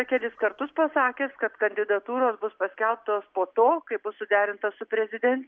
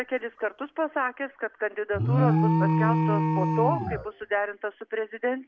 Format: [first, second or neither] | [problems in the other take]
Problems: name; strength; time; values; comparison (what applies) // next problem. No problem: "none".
first | background sound (Alarm); 3 dB above the speech